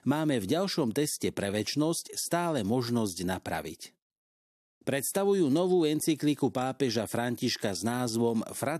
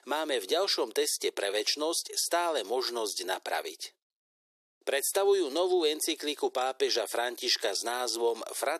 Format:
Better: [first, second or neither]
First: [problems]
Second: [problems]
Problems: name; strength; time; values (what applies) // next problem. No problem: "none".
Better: first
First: none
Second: thin; very; fading below 400 Hz